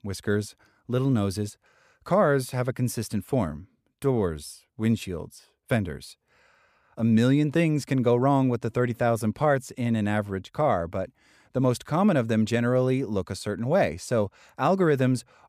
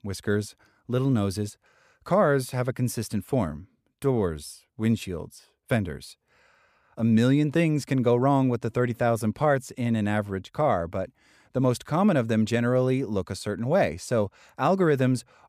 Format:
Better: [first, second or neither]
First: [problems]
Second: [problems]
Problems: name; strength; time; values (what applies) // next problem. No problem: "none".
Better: neither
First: none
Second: none